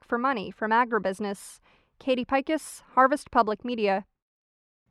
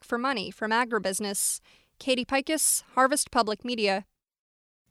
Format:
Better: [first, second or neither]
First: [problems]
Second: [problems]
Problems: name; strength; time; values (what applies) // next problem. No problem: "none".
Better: second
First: muffled; very; fading above 3.5 kHz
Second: none